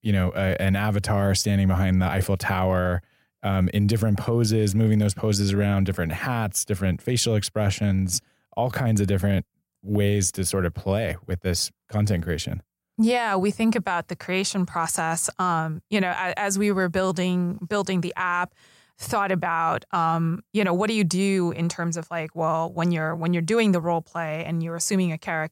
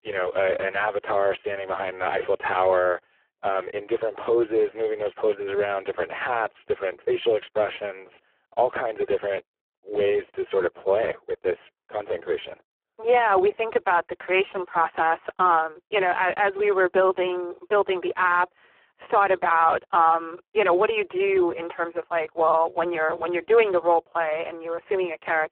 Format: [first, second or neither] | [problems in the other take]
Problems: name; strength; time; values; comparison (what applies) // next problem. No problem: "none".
first | phone-call audio; poor line